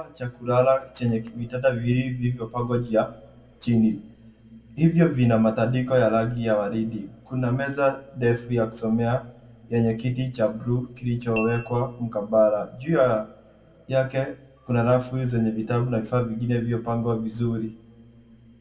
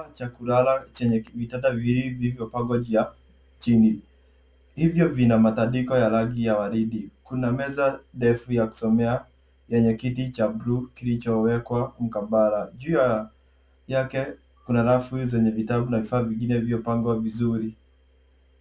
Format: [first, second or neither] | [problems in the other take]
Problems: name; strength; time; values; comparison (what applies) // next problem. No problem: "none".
second | background sound (Tap / Glass); 16 dB below the speech // room echo; dies away in 1.9 s